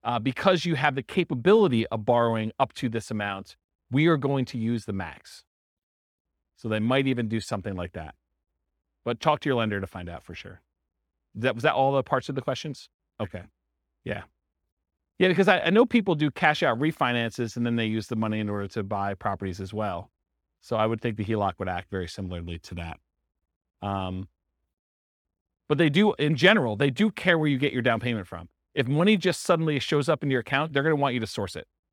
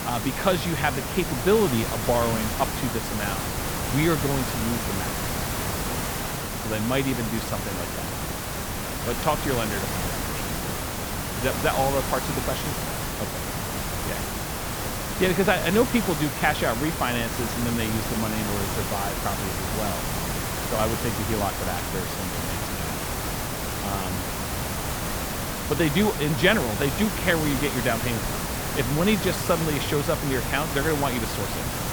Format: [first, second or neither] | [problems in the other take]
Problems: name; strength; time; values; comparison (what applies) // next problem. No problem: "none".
first | hiss; loud; throughout; 2 dB below the speech